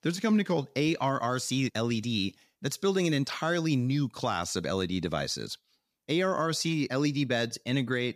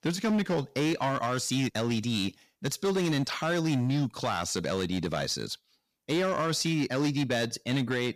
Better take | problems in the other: first | distortion; slight; 13% of the sound clipped

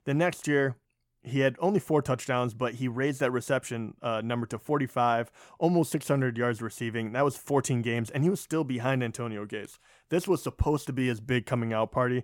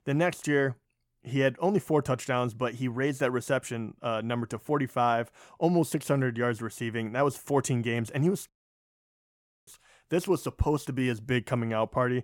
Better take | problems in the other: first | audio cutting out; at 8.5 s for 1 s

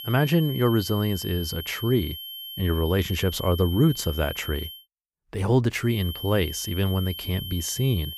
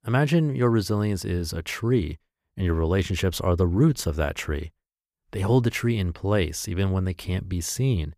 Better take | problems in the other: second | high-pitched whine; loud; until 5 s and from 6 s on; 3 kHz, 10 dB below the speech

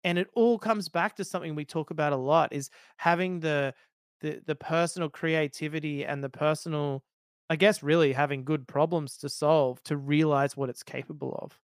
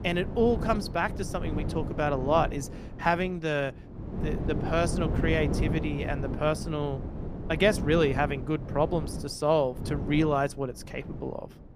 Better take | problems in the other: first | wind noise on the microphone; occasional gusts; 10 dB below the speech

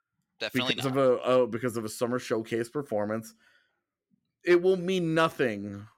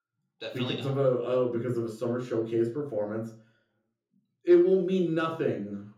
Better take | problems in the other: first | room echo; slight; dies away in 0.6 s // off-mic speech; far

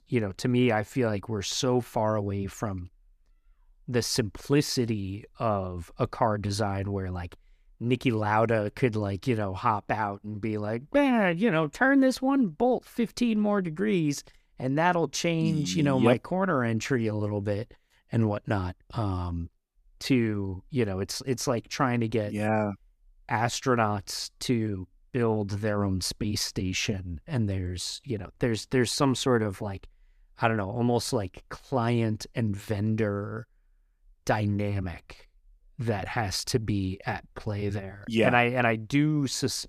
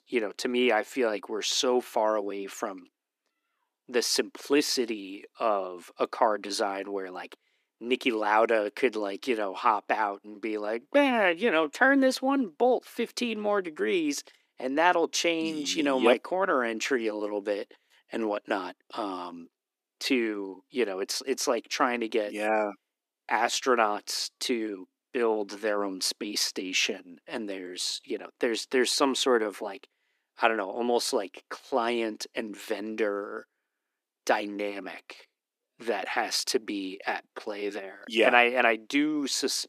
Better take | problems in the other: first | thin; somewhat; fading below 300 Hz

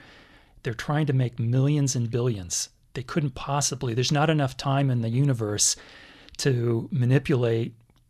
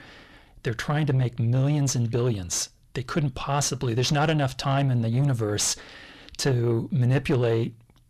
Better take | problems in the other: first | distortion; slight; 10 dB below the speech

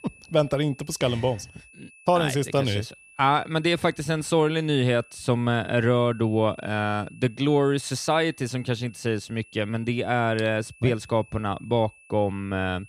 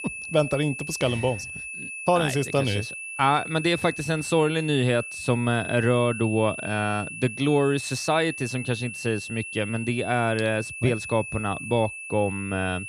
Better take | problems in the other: first | high-pitched whine; loud; throughout; 2.5 kHz, 9 dB below the speech; faint in the first

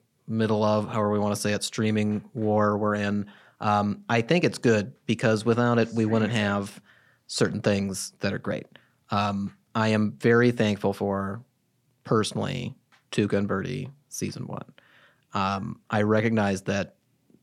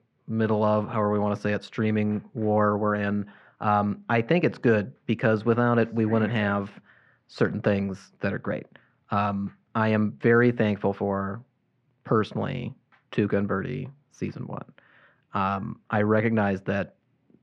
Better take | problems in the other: first | muffled; very; fading above 2 kHz

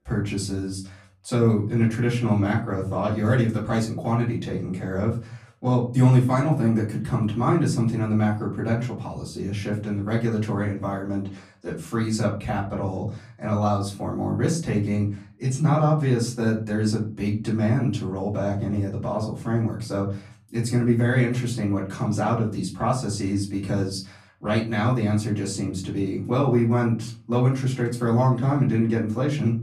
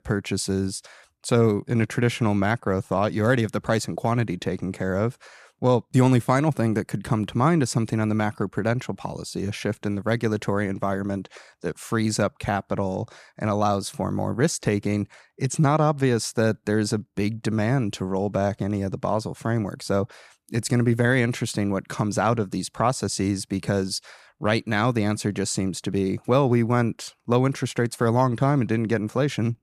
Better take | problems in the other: second | off-mic speech; far // room echo; slight; dies away in 0.5 s

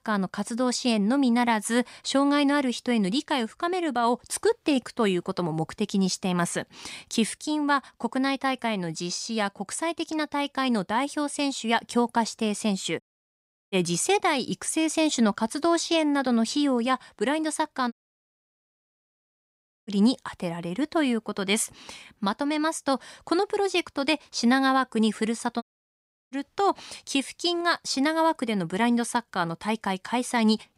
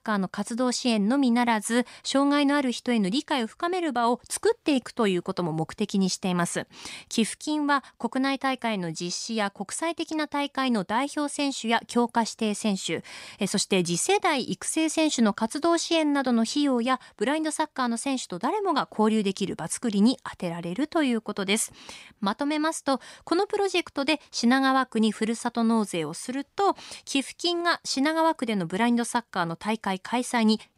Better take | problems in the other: second | audio cutting out; at 13 s for 0.5 s, at 18 s for 2 s and at 26 s for 0.5 s

